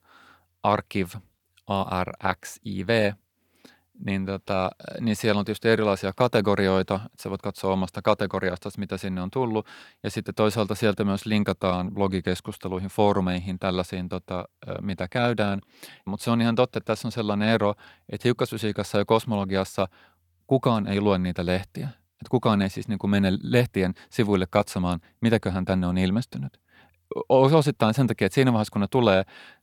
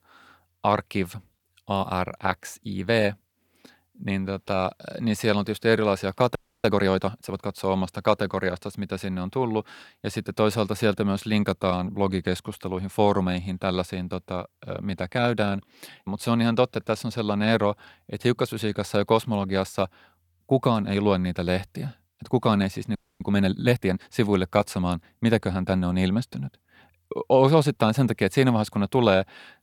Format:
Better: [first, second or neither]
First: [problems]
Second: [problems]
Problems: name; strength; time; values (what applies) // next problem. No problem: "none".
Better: first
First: none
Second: audio freezing; at 6.5 s and at 23 s